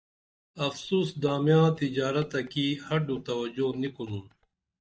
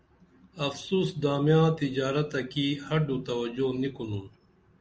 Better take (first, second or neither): second